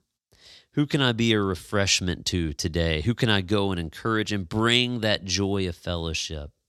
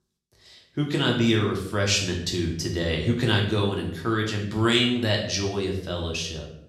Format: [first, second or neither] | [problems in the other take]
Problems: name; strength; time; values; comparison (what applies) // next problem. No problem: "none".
first | room echo; noticeable; dies away in 0.6 s // off-mic speech; far